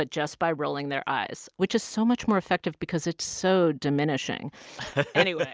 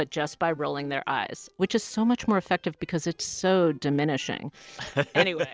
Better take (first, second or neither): first